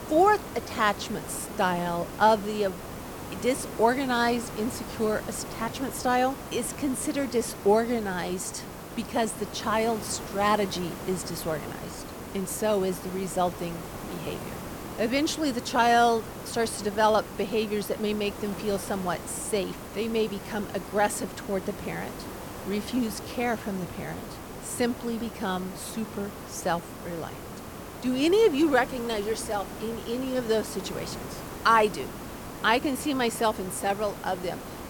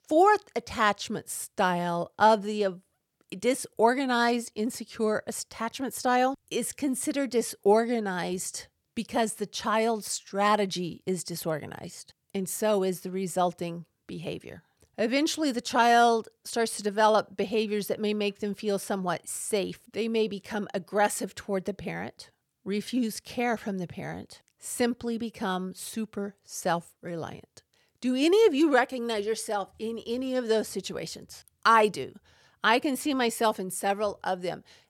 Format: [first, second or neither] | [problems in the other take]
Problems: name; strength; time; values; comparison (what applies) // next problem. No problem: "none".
second | hiss; noticeable; throughout; 10 dB below the speech